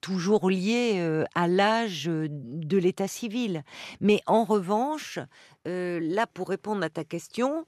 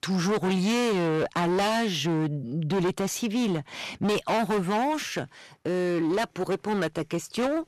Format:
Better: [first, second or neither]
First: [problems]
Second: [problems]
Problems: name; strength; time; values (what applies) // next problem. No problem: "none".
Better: first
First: none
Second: distortion; heavy; 25% of the sound clipped